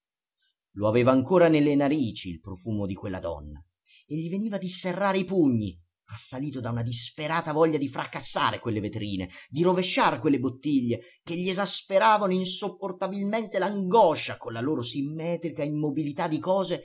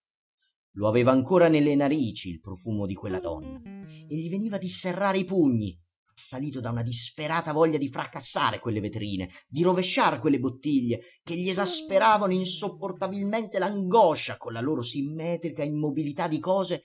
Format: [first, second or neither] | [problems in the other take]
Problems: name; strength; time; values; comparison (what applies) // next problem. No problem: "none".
first | noise reduction (neural mask model RNNoise)